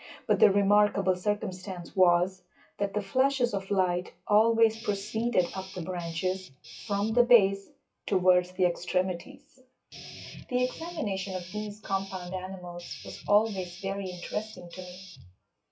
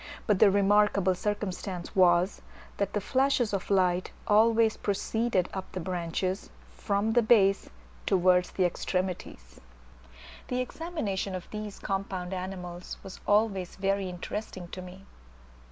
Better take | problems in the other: second | noise reduction (classical method WPE with log-MMSE)

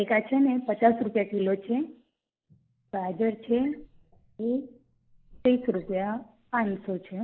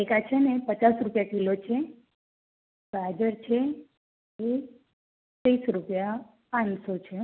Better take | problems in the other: second | noise reduction (neural mask model Resemble Enhance denoiser)

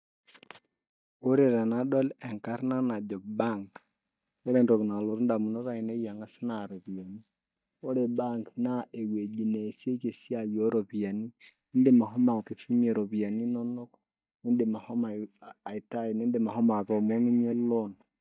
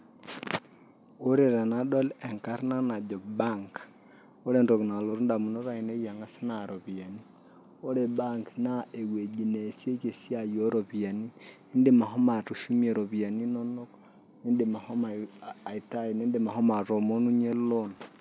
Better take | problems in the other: second | noise reduction (neural mask model DeepFilterNet 3)

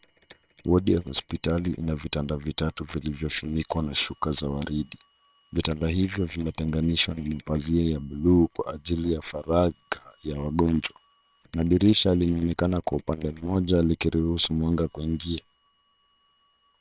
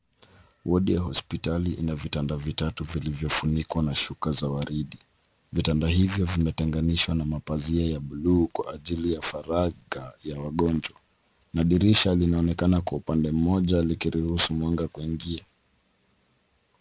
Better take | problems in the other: second | noise reduction (neural separator model SepFormer WHAM!)

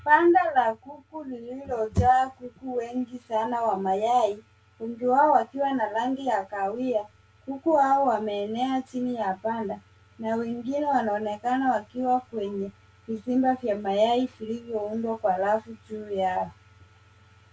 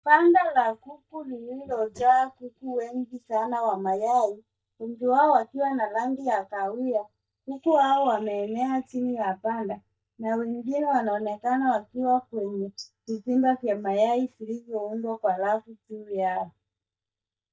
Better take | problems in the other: first | noise reduction (neural mask model DeepFilterNet 3)

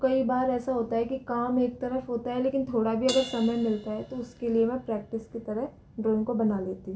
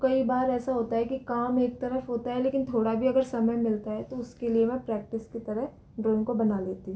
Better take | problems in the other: second | background sound (Crash cymbal); 19 dB below the speech

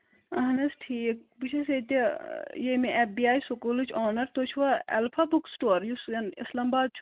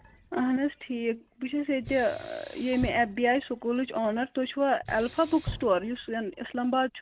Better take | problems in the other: first | background sound (Sink (filling or washing)); 16 dB below the speech

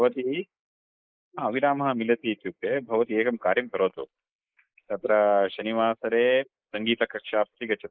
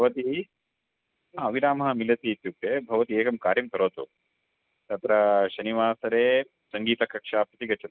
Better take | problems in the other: second | noise reduction (neural mask model Resemble Enhance denoiser)

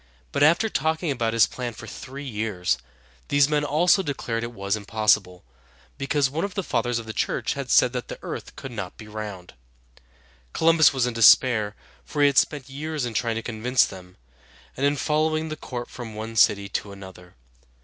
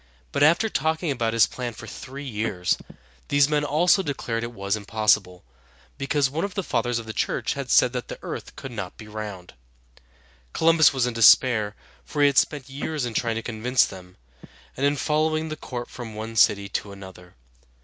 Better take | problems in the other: first | background sound (Telephone); 15 dB below the speech

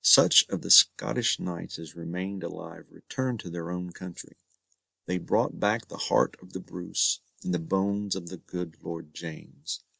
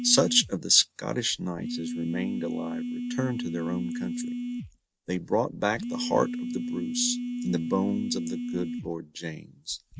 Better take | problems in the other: first | background sound (Telephone); 4 dB below the speech

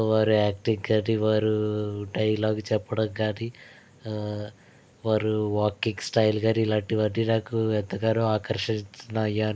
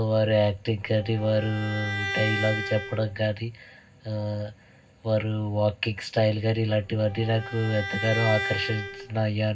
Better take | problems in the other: first | background sound (Bowed string instrument); 8 dB below the speech // room echo; dies away in 0.4 s

